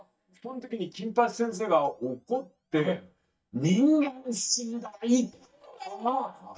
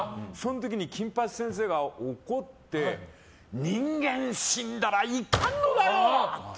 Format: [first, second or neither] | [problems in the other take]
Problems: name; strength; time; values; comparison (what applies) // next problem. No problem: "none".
second | noise reduction (neural mask model DeepFilterNet 3)